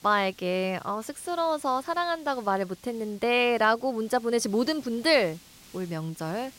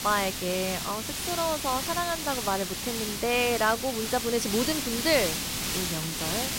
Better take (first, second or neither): first